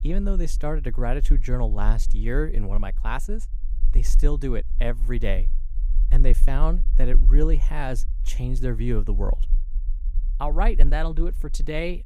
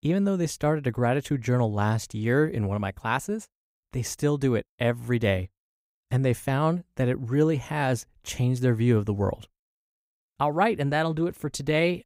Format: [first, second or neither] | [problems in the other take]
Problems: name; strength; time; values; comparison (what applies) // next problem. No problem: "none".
second | low rumble; faint; throughout; 20 dB below the speech